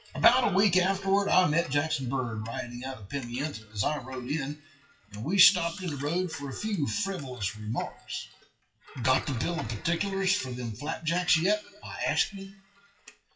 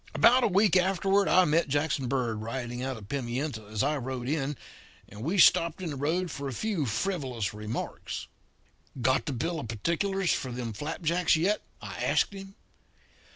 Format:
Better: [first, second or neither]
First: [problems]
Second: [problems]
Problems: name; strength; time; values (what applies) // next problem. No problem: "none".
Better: second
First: noise reduction (classical method WPE with log-MMSE)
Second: none